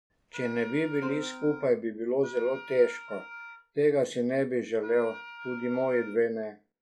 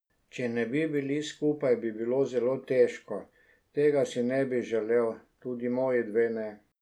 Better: second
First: noise reduction (classical method log-MMSE)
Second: none

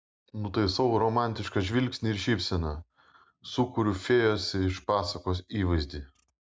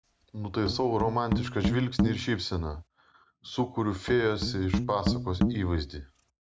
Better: first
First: none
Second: background sound (Musical instrument); 2 dB below the speech

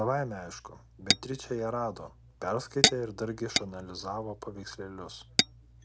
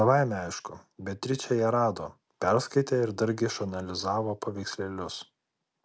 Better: second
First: background sound (Tap / Glass); 2 dB above the speech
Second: none

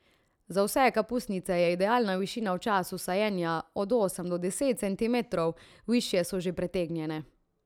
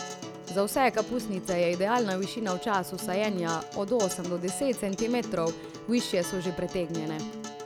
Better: first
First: none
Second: background sound (Acoustic guitar); 10 dB below the speech

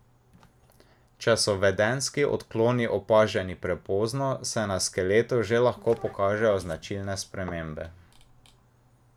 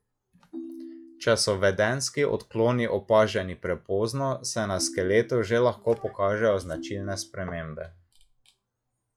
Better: first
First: none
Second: noise reduction (classical method log-MMSE)

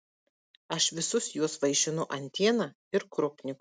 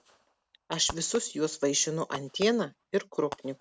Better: first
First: none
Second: background sound (Fireworks); 16 dB below the speech

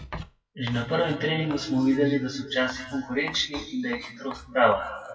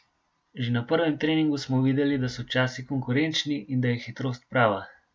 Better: second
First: noise reduction (classical method WPE with log-MMSE)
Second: none

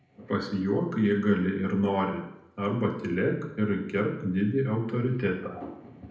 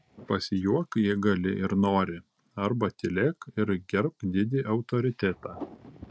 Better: second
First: room echo; dies away in 0.7 s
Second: none

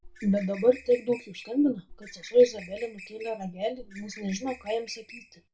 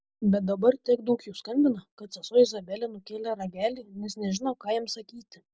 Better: second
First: background sound (Bird); 19 dB below the speech // room echo; dies away in 0.2 s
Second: none

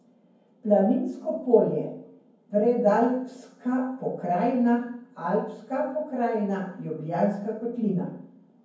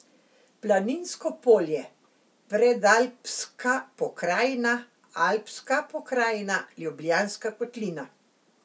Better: second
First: room echo; dies away in 0.9 s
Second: none

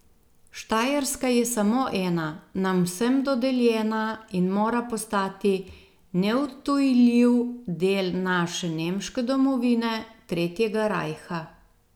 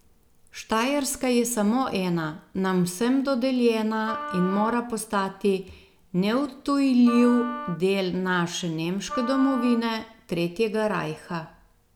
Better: first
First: none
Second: background sound (Wind instrument, woodwind instrument); 11 dB below the speech

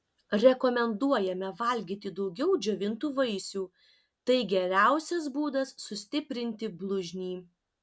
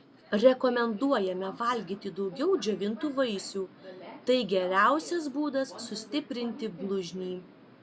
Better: first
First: none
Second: background sound (Subway, metro, underground); 18 dB below the speech

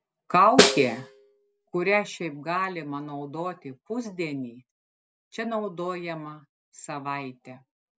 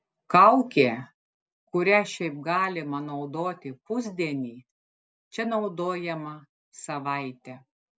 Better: second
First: background sound (Snare drum); 4 dB above the speech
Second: none

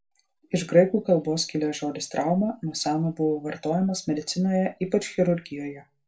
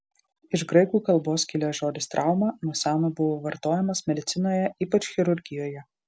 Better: second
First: room echo; dies away in 0.2 s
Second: none

